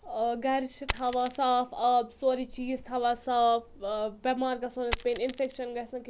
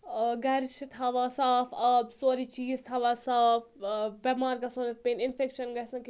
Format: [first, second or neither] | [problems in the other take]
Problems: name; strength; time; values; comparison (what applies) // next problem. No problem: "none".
second | background sound (Coin (dropping)); 14 dB below the speech